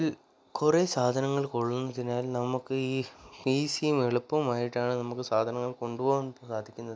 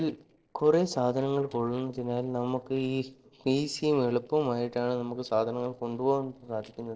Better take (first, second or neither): first